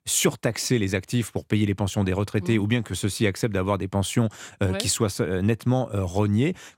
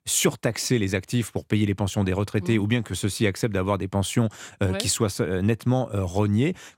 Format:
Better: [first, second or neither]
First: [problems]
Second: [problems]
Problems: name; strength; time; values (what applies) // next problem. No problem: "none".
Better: neither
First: none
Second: none